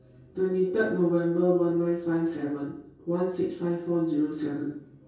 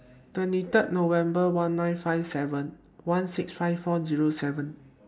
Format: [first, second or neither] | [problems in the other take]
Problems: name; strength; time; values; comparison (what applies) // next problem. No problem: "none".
second | room echo; dies away in 0.6 s